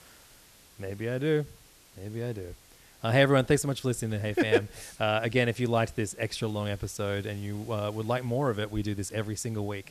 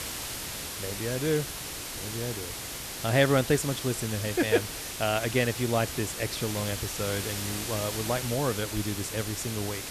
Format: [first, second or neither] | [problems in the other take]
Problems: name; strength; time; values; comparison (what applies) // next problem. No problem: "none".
first | hiss; loud; throughout; 5 dB below the speech; faint in the first